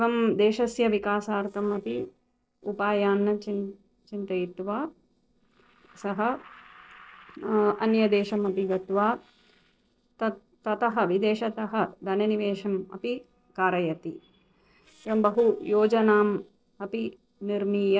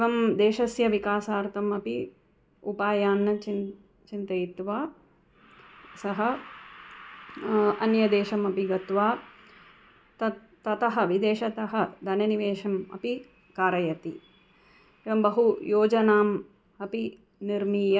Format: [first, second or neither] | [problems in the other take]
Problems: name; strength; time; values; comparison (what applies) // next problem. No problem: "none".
second | noise reduction (neural separator model SepFormer DNS4)